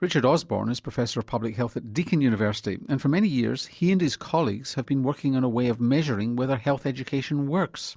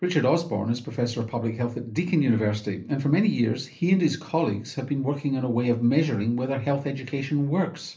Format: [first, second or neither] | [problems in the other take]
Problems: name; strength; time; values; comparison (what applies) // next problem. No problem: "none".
first | room echo; dies away in 0.3 s